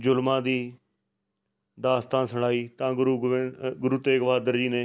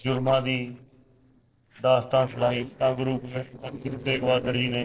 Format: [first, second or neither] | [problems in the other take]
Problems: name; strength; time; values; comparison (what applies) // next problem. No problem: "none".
first | noise reduction (neural separator model SepFormer DNS4)